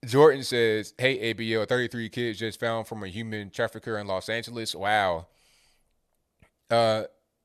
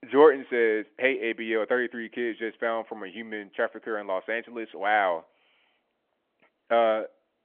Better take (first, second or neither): first